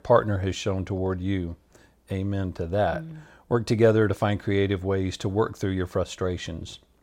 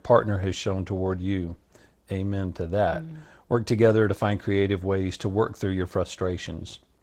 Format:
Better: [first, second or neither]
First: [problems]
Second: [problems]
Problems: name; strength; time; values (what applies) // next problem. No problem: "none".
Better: first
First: none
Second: garbled, watery; slightly; nothing above 16.5 kHz